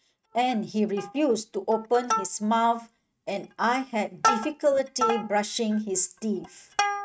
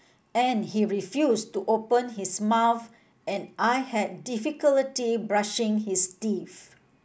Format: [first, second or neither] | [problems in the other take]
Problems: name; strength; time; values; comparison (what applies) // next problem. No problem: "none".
second | noise reduction (neural mask model RNNoise)